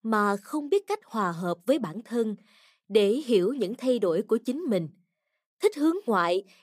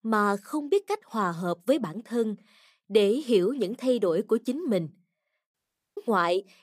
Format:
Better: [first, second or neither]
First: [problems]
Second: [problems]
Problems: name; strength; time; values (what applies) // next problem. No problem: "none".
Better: first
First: none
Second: audio cutting out; at 5.5 s